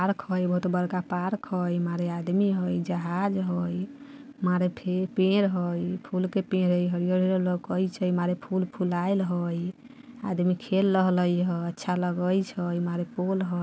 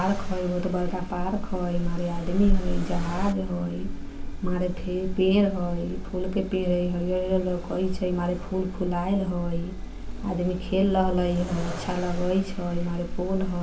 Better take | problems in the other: first | background sound (Accelerating, revving, vroom); 3 dB below the speech // room echo; dies away in 0.3 s

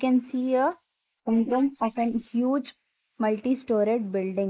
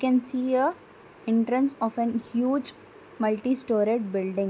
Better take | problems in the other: second | noise reduction (neural mask model Resemble Enhance denoiser)

